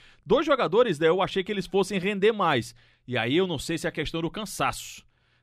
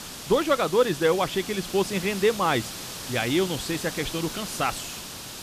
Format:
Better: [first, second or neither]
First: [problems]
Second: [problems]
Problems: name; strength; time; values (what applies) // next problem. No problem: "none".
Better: first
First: none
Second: hiss; loud; throughout; 9 dB below the speech